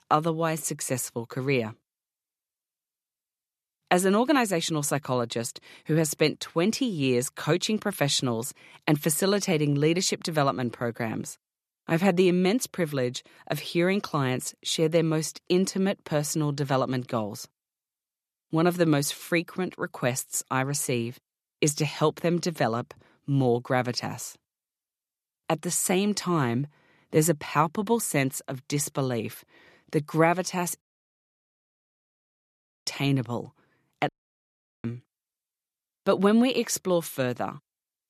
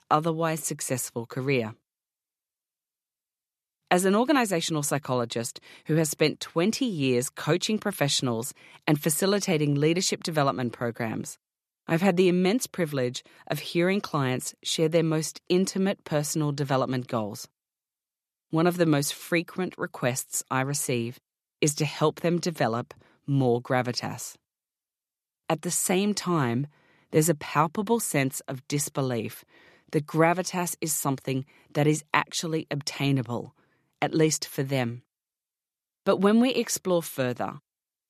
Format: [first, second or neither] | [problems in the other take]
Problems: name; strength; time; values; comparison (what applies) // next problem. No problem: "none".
second | audio cutting out; at 31 s for 2 s and at 34 s for 1 s